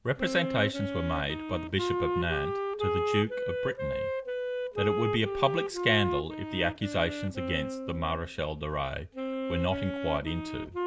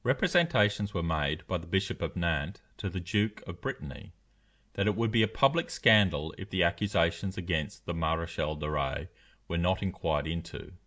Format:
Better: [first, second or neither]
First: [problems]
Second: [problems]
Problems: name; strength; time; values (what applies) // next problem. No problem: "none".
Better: second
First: background sound (Wind instrument, woodwind instrument); 2 dB below the speech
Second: none